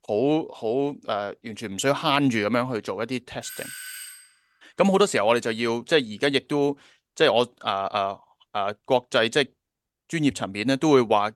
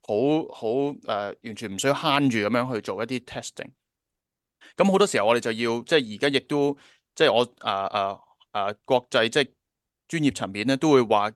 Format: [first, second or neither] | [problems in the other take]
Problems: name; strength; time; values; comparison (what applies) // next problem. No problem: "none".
second | doorbell; faint; at 3.5 s; peak 10 dB below the speech